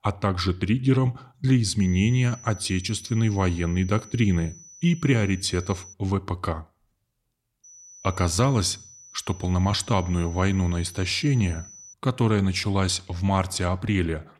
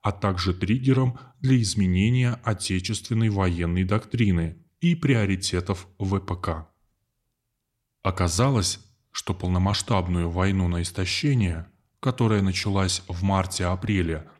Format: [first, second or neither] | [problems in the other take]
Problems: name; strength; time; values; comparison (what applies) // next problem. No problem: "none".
second | high-pitched whine; noticeable; from 2 to 6 s and from 7.5 to 12 s; 6 kHz, 20 dB below the speech